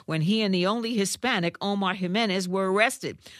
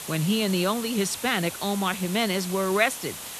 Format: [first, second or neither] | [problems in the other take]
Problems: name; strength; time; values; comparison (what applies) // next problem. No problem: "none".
first | hiss; loud; throughout; 9 dB below the speech